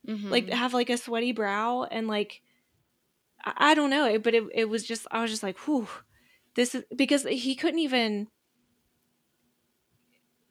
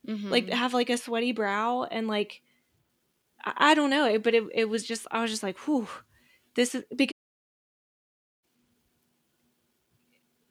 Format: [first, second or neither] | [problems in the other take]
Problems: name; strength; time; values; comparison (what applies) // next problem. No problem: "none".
first | audio cutting out; at 7 s for 1.5 s